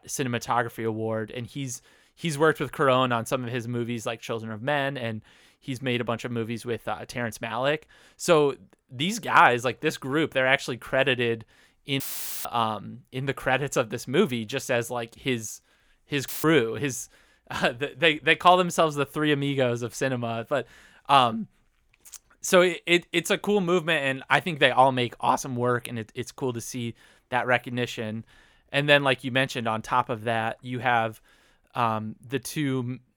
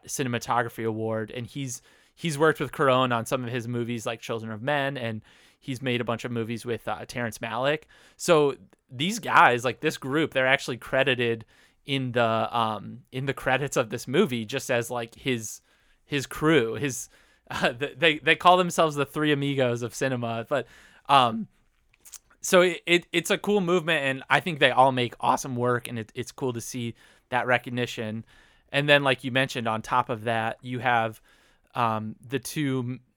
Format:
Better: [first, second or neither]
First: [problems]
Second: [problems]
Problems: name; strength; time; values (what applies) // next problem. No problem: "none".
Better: second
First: audio cutting out; filled with static; at 12 s and at 16 s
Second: none